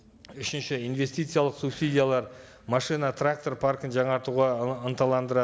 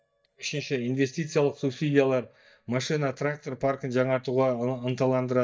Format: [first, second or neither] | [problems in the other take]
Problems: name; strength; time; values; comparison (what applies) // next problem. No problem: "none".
first | noise reduction (neural mask model DeepFilterNet 3)